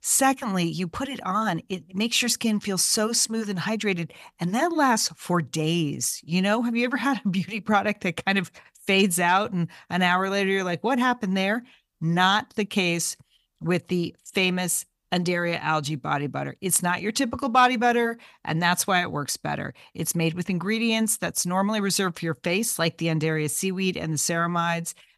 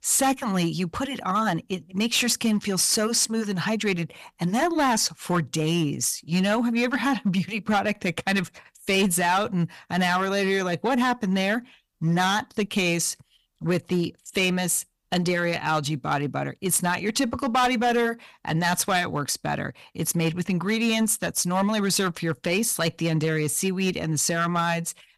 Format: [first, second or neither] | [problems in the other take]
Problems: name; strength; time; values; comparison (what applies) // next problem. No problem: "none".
first | distortion; slight; 5% of the sound clipped